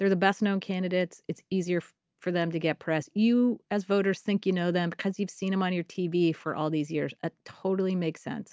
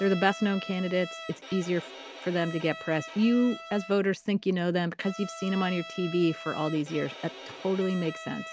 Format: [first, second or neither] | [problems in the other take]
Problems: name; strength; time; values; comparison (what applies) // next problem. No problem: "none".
first | background sound (Bowed string instrument); 14 dB below the speech